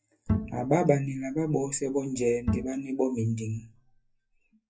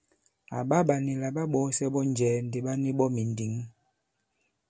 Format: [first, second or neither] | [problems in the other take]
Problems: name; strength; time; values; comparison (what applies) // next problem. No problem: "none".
second | noise reduction (classical method WPE with log-MMSE)